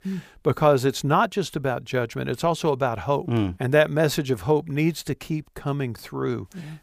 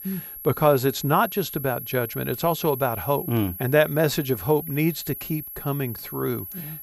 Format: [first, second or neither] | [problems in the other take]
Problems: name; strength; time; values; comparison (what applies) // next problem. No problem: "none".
first | high-pitched whine; loud; throughout; 11.5 kHz, 9 dB below the speech